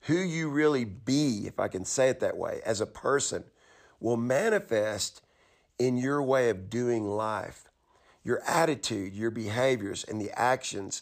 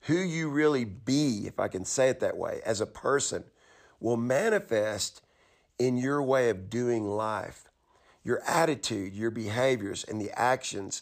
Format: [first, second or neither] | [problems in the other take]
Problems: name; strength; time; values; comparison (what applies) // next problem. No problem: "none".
neither | none